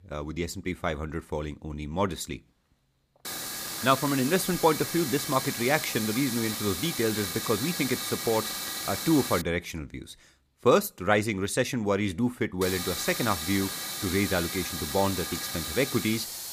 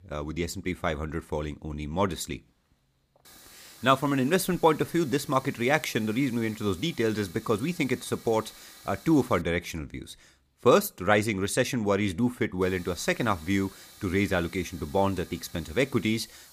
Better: second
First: hiss; loud; from 3.5 to 9.5 s and from 13 s on; 4 dB below the speech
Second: hiss; faint; from 3.5 to 9.5 s and from 13 s on; 20 dB below the speech

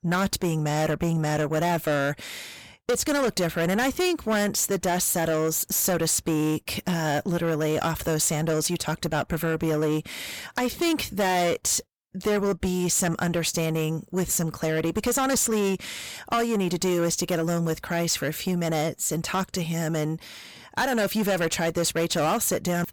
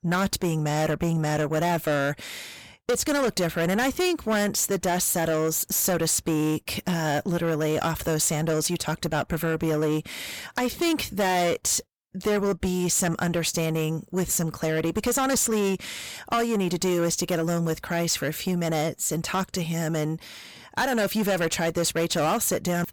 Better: neither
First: distortion; heavy; 7 dB below the speech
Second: distortion; heavy; 7 dB below the speech

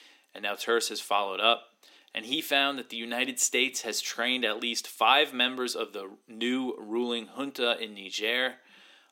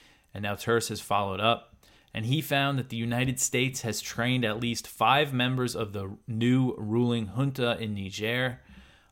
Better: second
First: thin; somewhat; fading below 250 Hz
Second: none

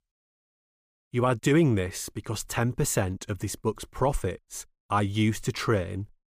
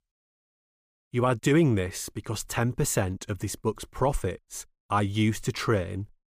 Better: neither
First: none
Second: none

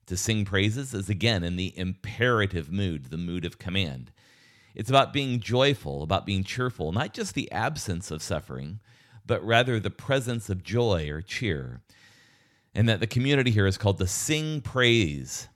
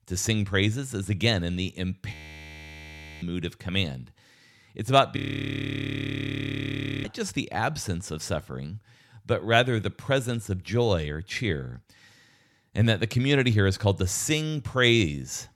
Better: first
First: none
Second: audio freezing; at 2 s for 1 s and at 5 s for 2 s

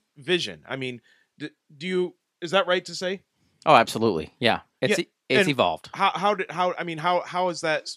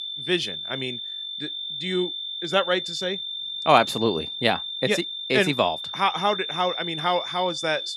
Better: first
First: none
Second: high-pitched whine; loud; throughout; 3.5 kHz, 5 dB below the speech

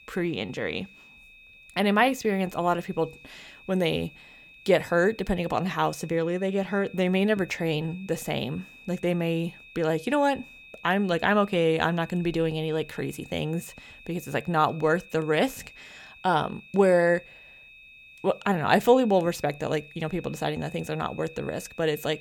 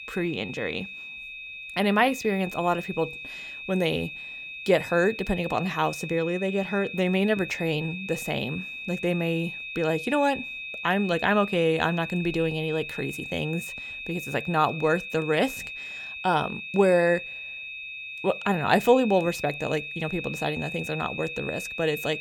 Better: first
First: high-pitched whine; faint; throughout; 2.5 kHz, 20 dB below the speech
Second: high-pitched whine; loud; throughout; 2.5 kHz, 8 dB below the speech

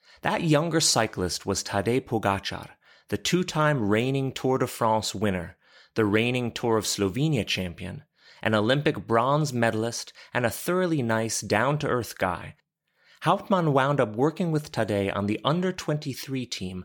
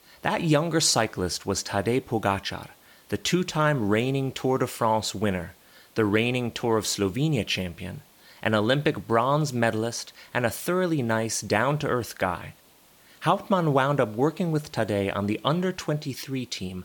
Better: first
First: none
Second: hiss; faint; throughout; 30 dB below the speech

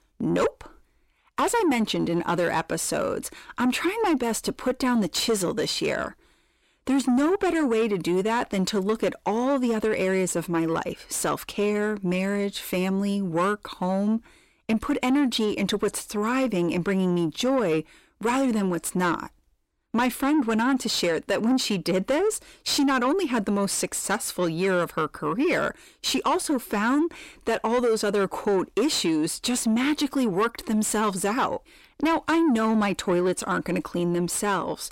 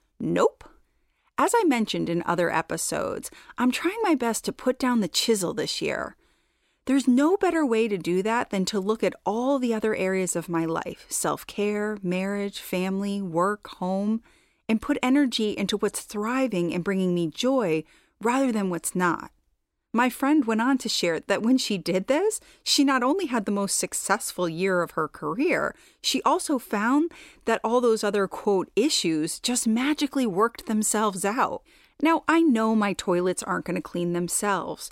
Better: second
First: distortion; slight; 10 dB below the speech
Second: none

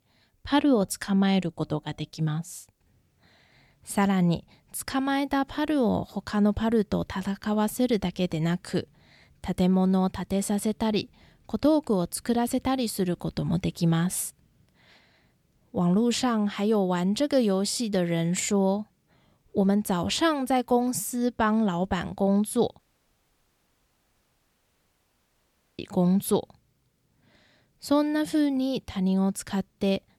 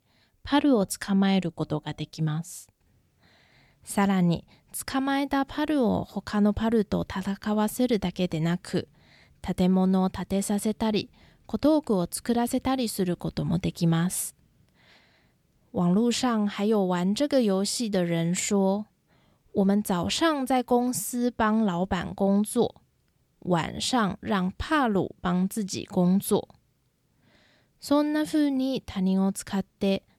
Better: second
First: audio cutting out; at 23 s for 3 s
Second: none

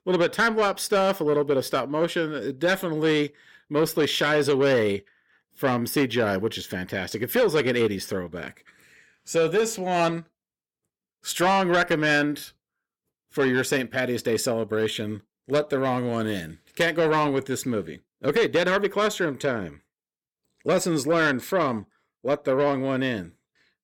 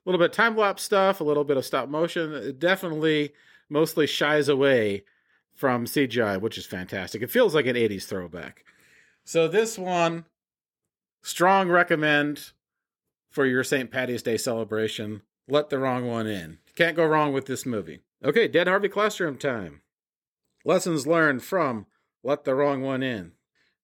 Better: second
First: distortion; slight; 10 dB below the speech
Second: none

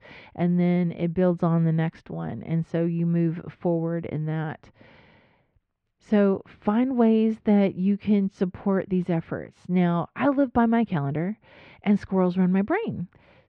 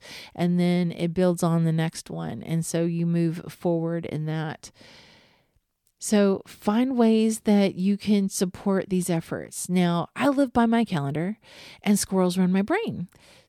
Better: second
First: muffled; very; fading above 2.5 kHz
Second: none

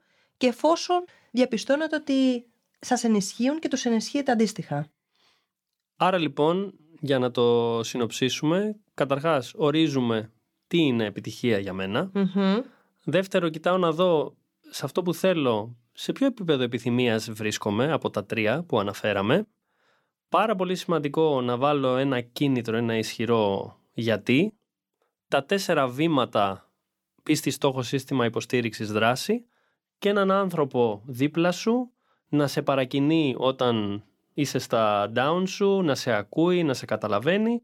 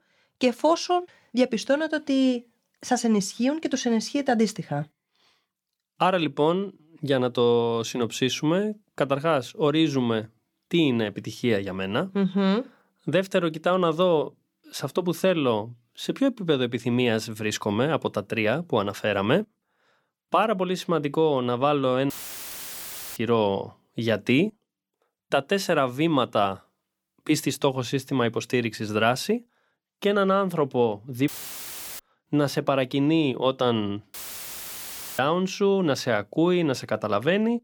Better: first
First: none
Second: audio cutting out; filled with static; at 22 s for 1 s, at 31 s for 0.5 s and at 34 s for 1 s

